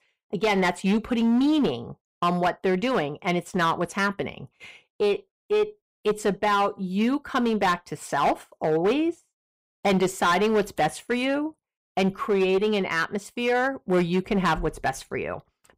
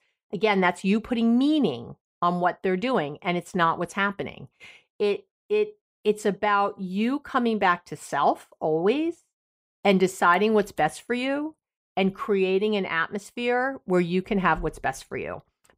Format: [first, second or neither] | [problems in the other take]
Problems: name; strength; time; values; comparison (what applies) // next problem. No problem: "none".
second | distortion; slight; 9% of the sound clipped